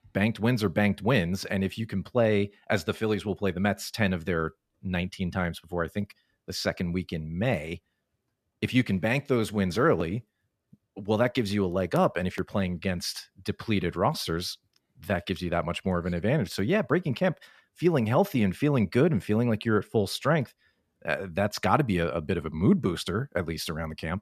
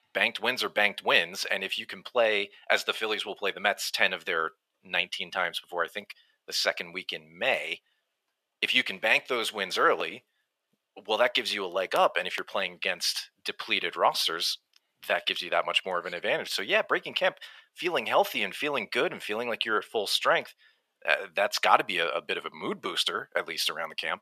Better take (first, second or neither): first